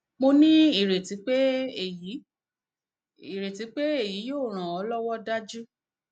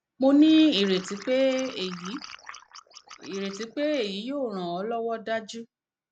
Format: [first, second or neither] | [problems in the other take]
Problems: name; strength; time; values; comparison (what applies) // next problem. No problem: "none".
first | background sound (Liquid); 18 dB below the speech